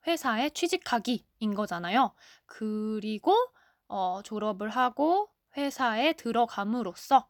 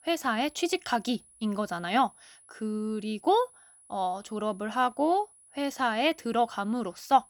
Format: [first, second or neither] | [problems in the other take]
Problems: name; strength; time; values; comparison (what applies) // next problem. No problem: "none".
first | high-pitched whine; faint; throughout; 10 kHz, 25 dB below the speech